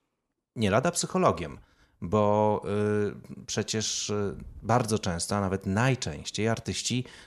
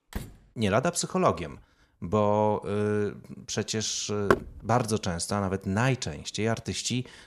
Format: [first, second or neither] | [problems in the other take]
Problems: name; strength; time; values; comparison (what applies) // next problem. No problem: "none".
first | door banging; faint; at the start; peak 15 dB below the speech // door banging; loud; at 4.5 s; peak 1 dB above the speech